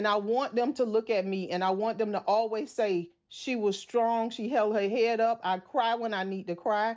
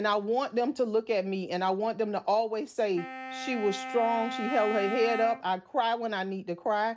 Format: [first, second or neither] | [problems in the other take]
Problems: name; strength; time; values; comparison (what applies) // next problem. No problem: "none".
first | background sound (Wind instrument, woodwind instrument); 9 dB below the speech